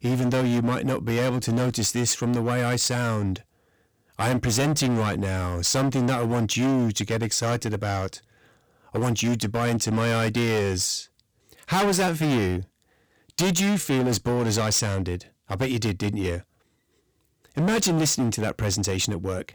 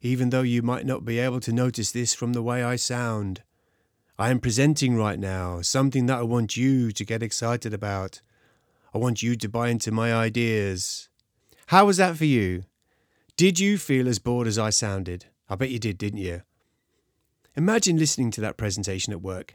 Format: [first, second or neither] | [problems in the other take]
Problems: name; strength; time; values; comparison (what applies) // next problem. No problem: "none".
second | distortion; heavy; 18% of the sound clipped